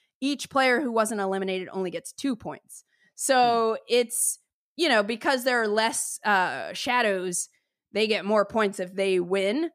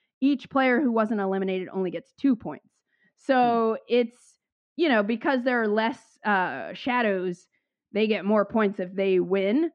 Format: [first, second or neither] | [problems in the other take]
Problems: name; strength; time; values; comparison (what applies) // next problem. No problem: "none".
first | muffled; very; fading above 3 kHz